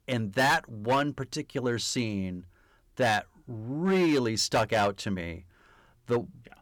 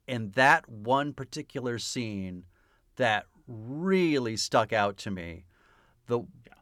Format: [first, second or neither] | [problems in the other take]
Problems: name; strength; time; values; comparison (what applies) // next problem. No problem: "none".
second | distortion; heavy; 6% of the sound clipped